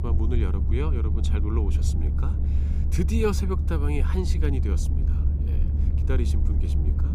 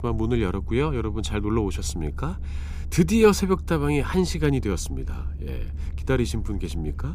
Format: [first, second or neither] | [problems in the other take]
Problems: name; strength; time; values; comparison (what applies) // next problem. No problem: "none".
second | low rumble; loud; throughout; 6 dB below the speech; faint in the second